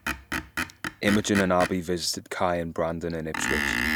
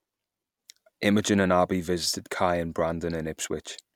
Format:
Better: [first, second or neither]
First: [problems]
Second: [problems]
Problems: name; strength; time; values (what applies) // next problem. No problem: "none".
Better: second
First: background sound (Screech); 4 dB below the speech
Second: none